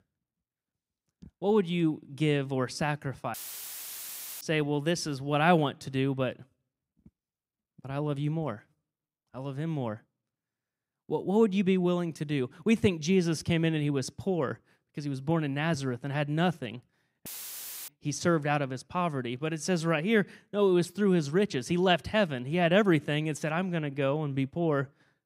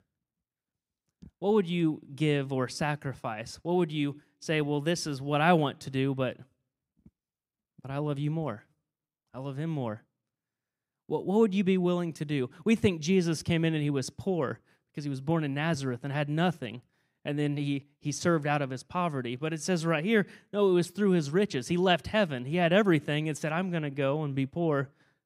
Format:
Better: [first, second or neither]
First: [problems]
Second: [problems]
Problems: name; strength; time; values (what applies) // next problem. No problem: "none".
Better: second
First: audio cutting out; filled with static; at 3.5 s for 1 s and at 17 s for 0.5 s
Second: none